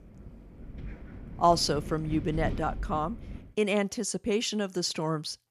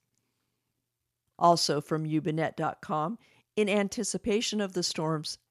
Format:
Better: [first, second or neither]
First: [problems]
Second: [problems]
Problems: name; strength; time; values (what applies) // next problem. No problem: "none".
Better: second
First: wind noise on the microphone; occasional gusts; until 3.5 s; 20 dB below the speech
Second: none